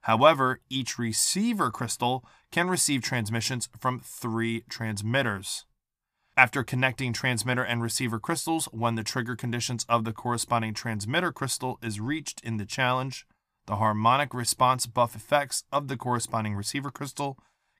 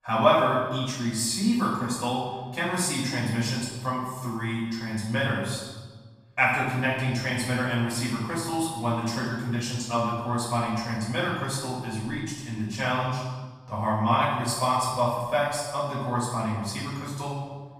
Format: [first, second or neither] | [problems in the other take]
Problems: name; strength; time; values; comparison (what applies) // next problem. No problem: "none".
first | room echo; strong; dies away in 1.2 s // off-mic speech; far